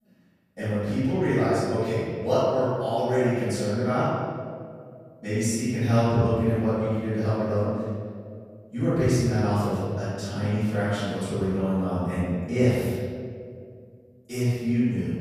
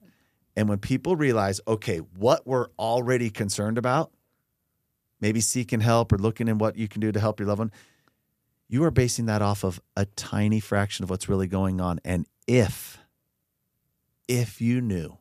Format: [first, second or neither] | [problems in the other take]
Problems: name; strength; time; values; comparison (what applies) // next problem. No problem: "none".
second | off-mic speech; far // room echo; strong; dies away in 1.9 s